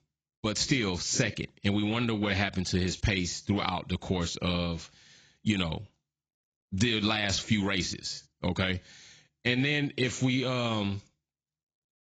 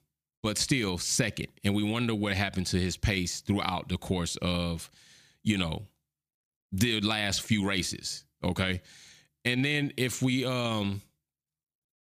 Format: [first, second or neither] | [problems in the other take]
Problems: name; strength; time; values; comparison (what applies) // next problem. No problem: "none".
second | garbled, watery; badly; nothing above 7.5 kHz